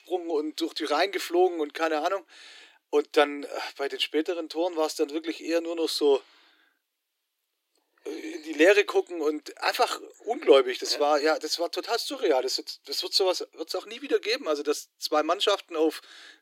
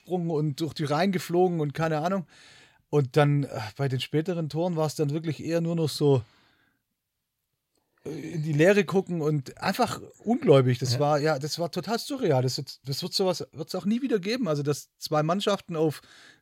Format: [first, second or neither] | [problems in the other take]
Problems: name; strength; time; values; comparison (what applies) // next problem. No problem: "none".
second | thin; very; fading below 300 Hz